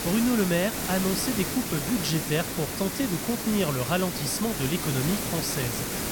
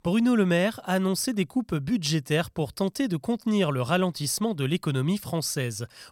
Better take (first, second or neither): second